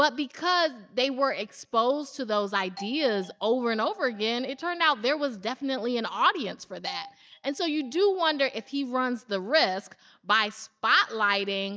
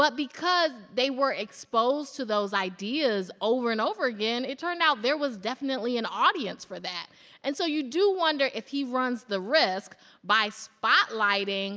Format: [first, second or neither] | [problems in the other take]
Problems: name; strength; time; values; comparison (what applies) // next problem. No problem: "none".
second | noise reduction (neural mask model DeepFilterNet 3)